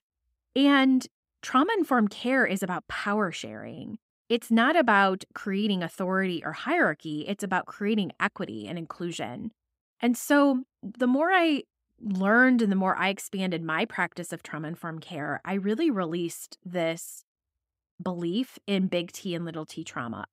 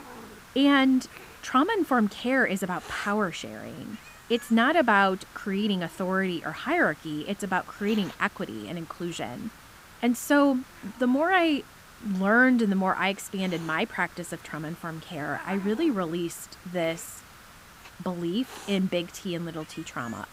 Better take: first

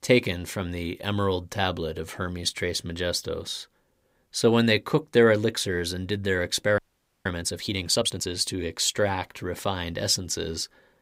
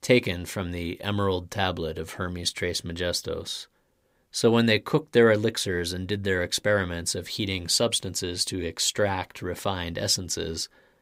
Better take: second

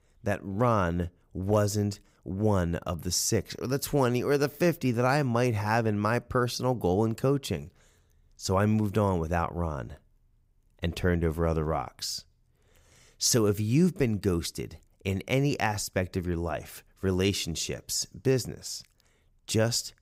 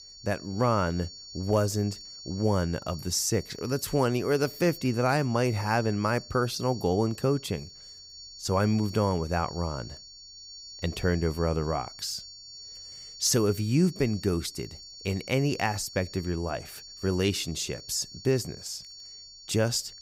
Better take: first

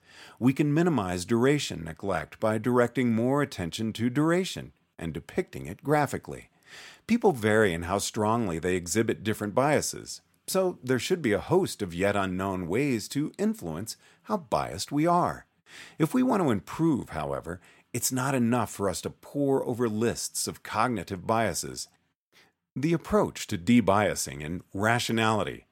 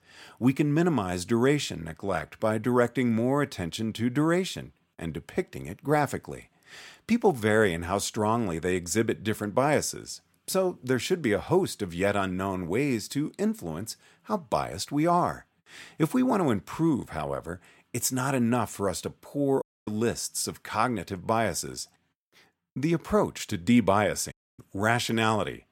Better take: first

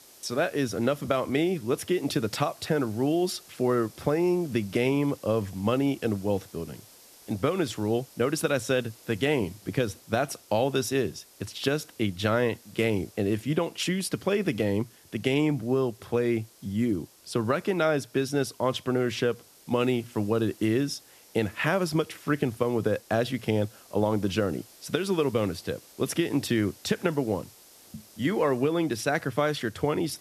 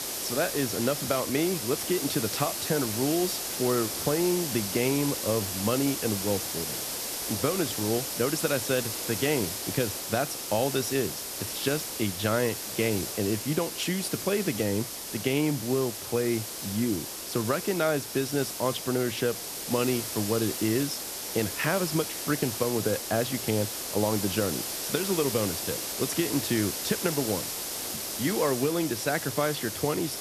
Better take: first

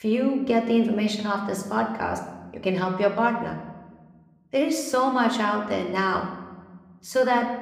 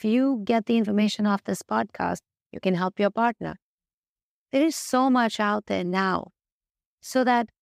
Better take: second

